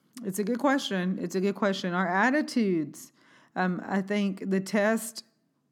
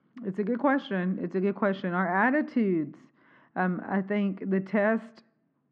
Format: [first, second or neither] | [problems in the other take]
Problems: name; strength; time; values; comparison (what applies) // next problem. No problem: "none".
first | muffled; very; fading above 2.5 kHz